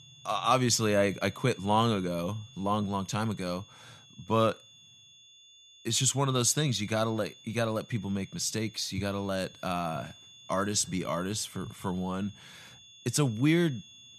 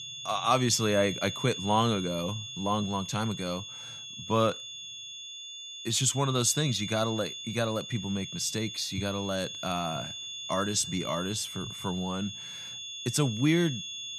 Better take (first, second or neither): first